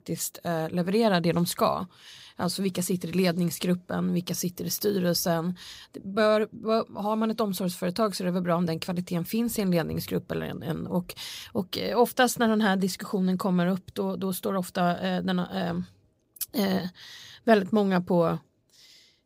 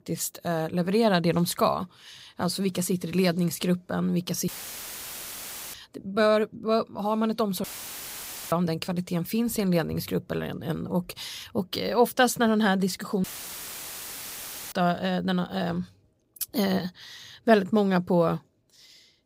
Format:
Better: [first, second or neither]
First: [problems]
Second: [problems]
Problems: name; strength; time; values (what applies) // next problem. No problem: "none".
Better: first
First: none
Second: audio cutting out; filled with static; at 4.5 s for 1.5 s, at 7.5 s for 1 s and at 13 s for 1.5 s